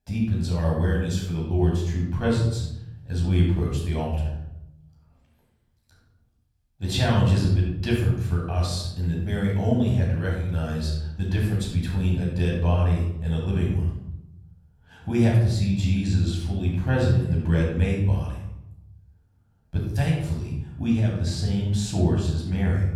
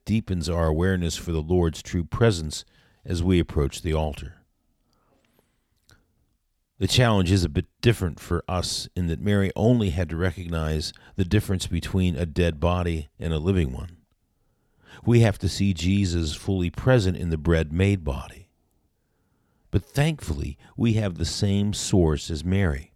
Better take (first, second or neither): second